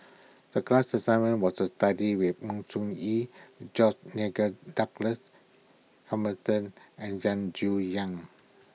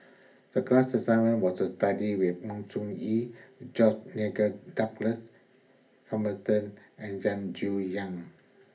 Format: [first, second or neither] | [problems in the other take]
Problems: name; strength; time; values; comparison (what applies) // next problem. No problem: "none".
first | room echo; dies away in 0.3 s